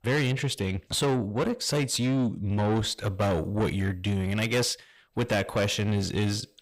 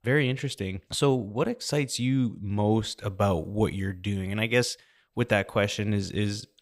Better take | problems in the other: second | distortion; heavy; 8 dB below the speech

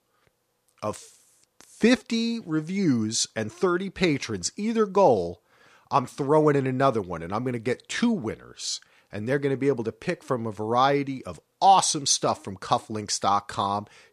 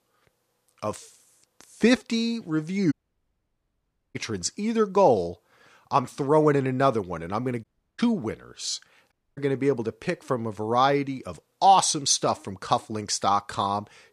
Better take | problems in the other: first | audio cutting out; at 3 s for 1 s, at 7.5 s and at 9 s

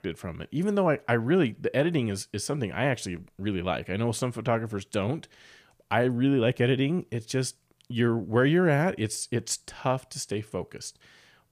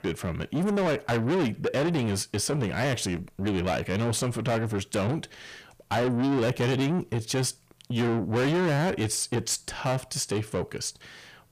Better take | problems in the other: first | distortion; heavy; 6 dB below the speech

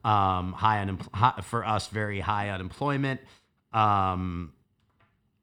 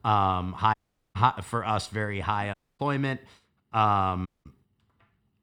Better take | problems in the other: first | audio cutting out; at 0.5 s, at 2.5 s and at 4.5 s

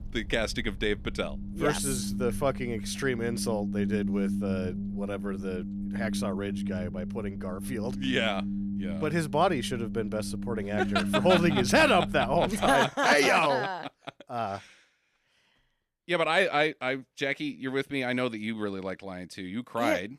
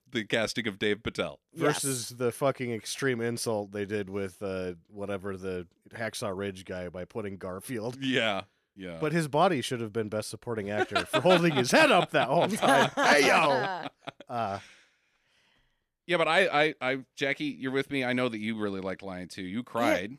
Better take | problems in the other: second | low rumble; noticeable; until 13 s; 15 dB below the speech

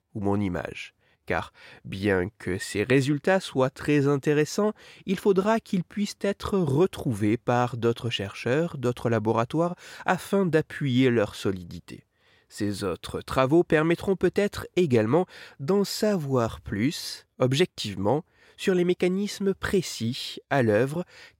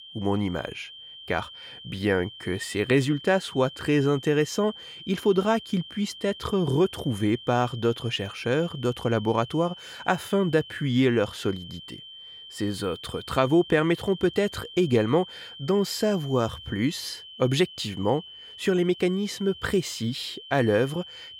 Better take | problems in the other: first | high-pitched whine; noticeable; throughout; 3 kHz, 15 dB below the speech

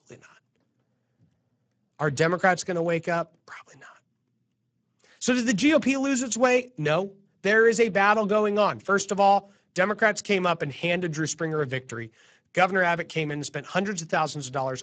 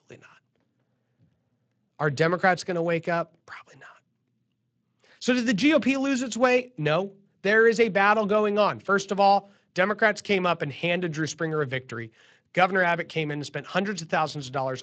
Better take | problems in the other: second | garbled, watery; badly; nothing above 7.5 kHz; slightly in the second

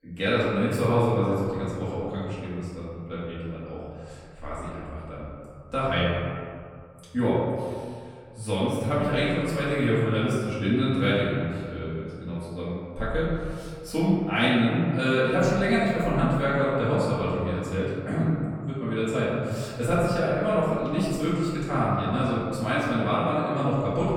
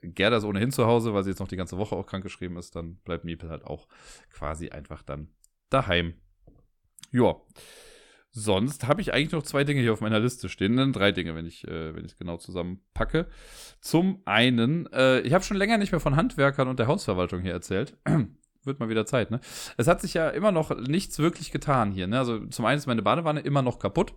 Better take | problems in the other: second | room echo; strong; dies away in 2.1 s // off-mic speech; far

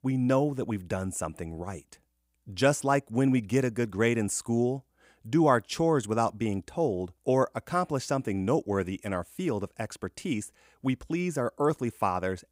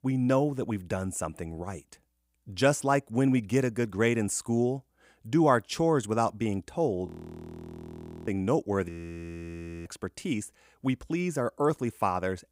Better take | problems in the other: first | audio freezing; at 7 s for 1 s and at 9 s for 1 s

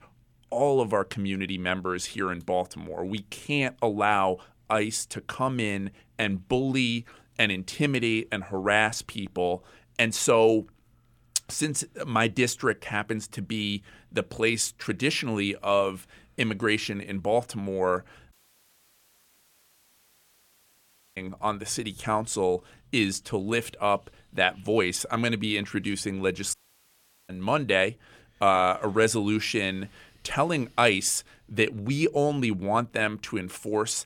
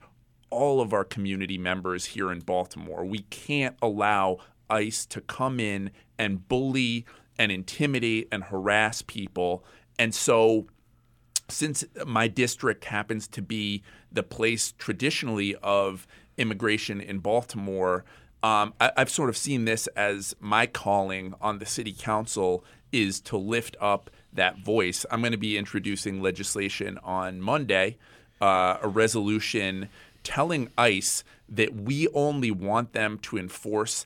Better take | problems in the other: second | audio cutting out; at 18 s for 3 s and at 27 s for 1 s

